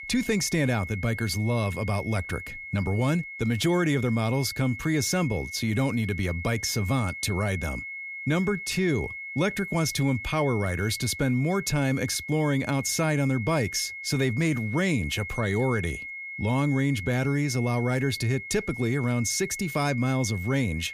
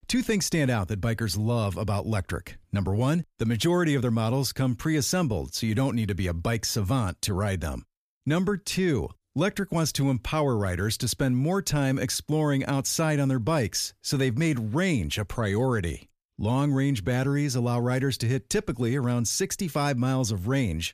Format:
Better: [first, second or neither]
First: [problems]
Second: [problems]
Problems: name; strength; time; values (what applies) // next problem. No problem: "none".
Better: second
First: high-pitched whine; loud; throughout; 2 kHz, 9 dB below the speech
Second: none